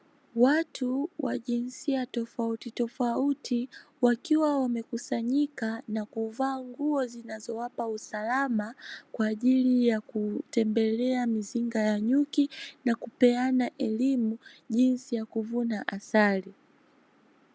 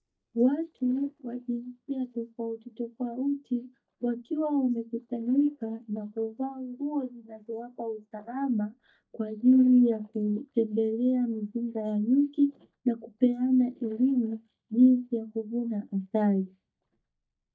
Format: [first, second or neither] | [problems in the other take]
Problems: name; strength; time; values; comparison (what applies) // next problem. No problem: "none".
first | noise reduction (neural mask model DeepFilterNet 3)